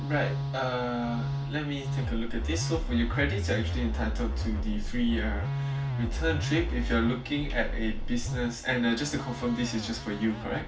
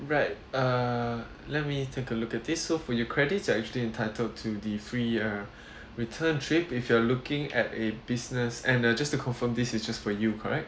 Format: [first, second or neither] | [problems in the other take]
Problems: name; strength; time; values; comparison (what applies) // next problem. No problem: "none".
second | background sound (Musical instrument); 1 dB below the speech // room echo; dies away in 0.2 s